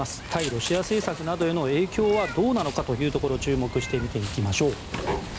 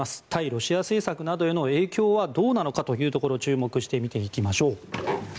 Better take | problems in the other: second | background sound (Meow); 10 dB below the speech

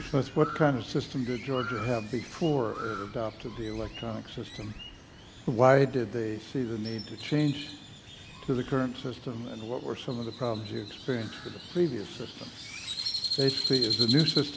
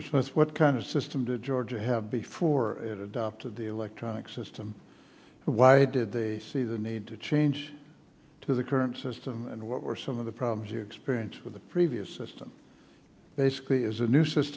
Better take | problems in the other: second | background sound (Crow); 8 dB below the speech

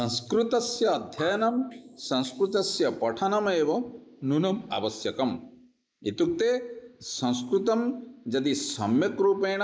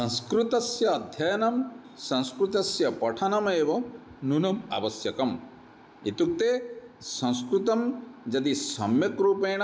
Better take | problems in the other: second | noise reduction (neural mask model Resemble Enhance denoiser)

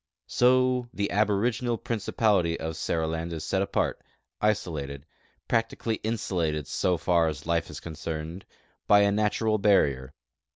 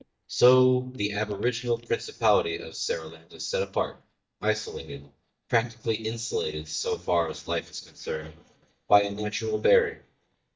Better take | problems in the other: first | noise reduction (neural mask model DeepFilterNet 3)

